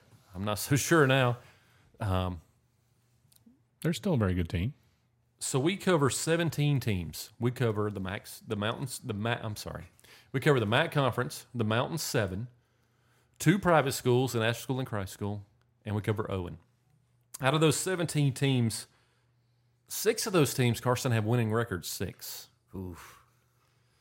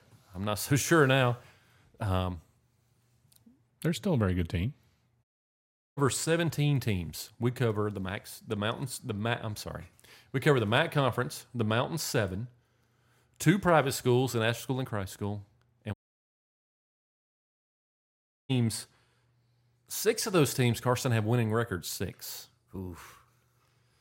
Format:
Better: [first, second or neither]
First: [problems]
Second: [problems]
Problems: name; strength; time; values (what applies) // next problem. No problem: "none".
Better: first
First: none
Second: audio cutting out; at 5 s for 0.5 s and at 16 s for 2.5 s